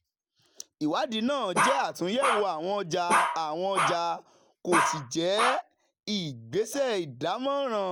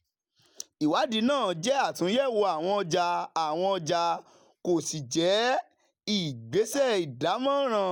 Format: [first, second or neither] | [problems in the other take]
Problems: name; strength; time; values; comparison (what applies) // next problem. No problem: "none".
second | background sound (Bark); 1 dB above the speech